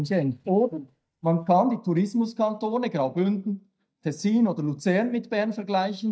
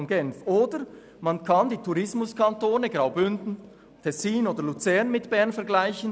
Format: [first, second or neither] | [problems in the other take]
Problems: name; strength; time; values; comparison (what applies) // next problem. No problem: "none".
second | noise reduction (neural mask model DeepFilterNet 3)